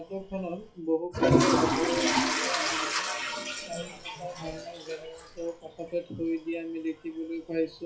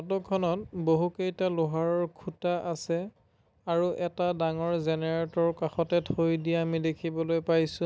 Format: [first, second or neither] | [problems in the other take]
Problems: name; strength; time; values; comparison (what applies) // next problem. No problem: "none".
second | noise reduction (classical method WPE with log-MMSE)